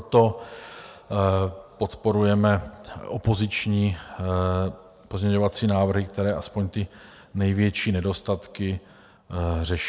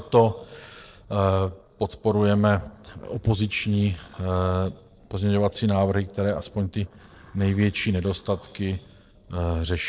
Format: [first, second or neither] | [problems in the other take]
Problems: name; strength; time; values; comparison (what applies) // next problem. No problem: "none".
first | noise reduction (neural separator model SepFormer DNS4)